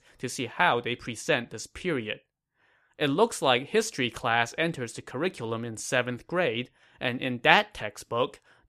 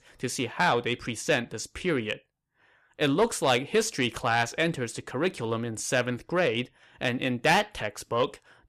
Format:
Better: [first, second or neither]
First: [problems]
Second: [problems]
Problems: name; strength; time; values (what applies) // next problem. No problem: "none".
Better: first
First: none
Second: distortion; slight; 10 dB below the speech